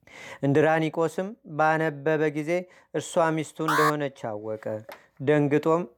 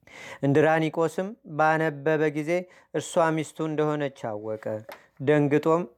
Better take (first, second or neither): second